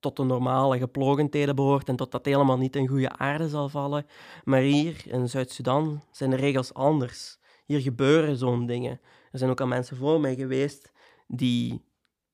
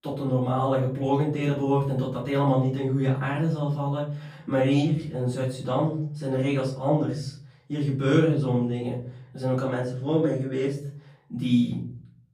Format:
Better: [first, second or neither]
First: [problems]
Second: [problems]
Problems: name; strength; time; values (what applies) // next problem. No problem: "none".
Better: first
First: none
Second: room echo; slight; dies away in 0.6 s // off-mic speech; far